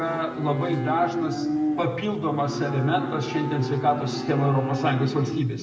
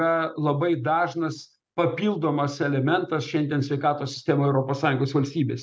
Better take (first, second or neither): second